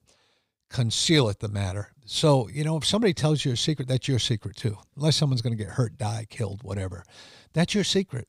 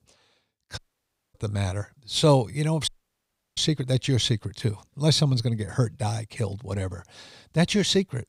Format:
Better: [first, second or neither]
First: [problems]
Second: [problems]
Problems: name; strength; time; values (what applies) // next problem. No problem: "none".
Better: first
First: none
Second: audio cutting out; at 1 s for 0.5 s and at 3 s for 0.5 s